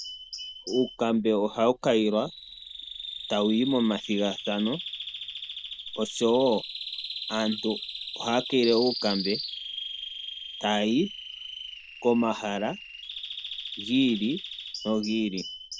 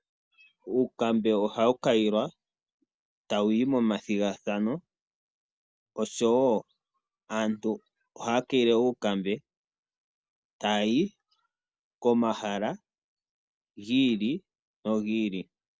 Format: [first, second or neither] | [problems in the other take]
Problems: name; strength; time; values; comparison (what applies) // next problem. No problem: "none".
second | background sound (Bird vocalization, bird call, bird song); 10 dB below the speech